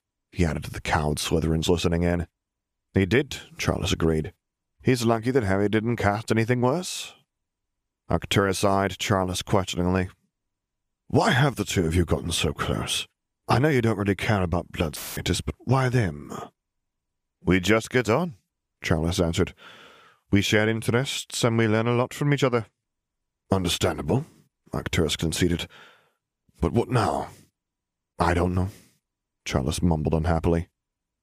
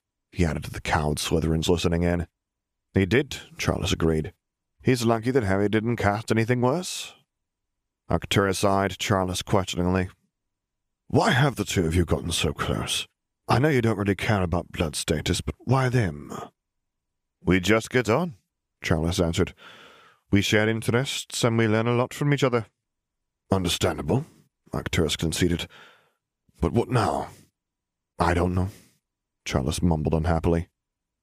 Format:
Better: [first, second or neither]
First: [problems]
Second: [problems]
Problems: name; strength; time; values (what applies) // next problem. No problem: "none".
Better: second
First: audio cutting out; filled with static; at 15 s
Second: none